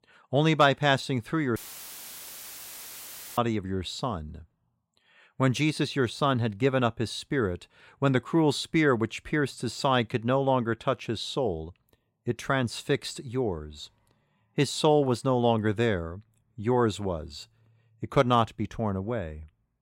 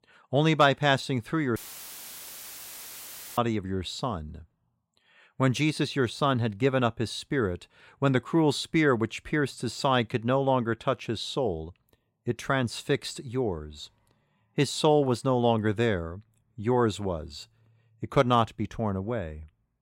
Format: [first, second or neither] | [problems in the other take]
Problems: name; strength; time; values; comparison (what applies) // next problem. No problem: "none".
neither | audio cutting out; filled with static; at 1.5 s for 2 s; the same in both